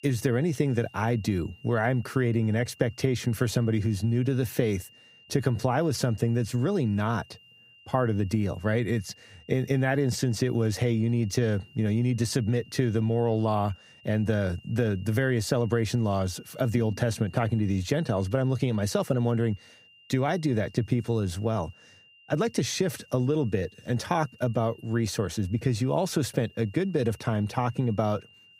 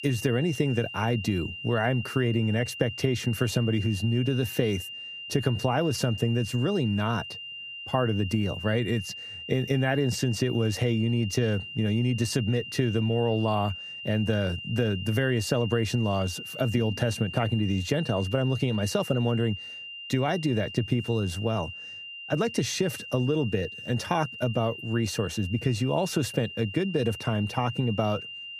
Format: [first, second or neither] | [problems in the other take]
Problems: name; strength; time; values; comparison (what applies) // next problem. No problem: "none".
first | high-pitched whine; loud; throughout; 3 kHz, 10 dB below the speech; faint in the first